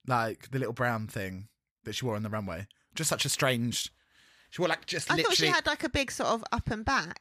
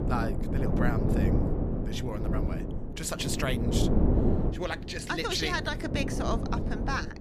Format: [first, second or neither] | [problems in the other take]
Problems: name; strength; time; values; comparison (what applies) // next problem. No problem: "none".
first | wind noise on the microphone; heavy; 3 dB below the speech